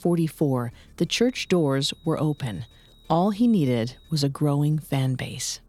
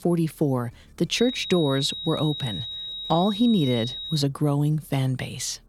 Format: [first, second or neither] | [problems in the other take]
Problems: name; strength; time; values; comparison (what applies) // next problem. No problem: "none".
first | high-pitched whine; loud; from 1 to 4 s; 4 kHz, 7 dB below the speech; faint in the first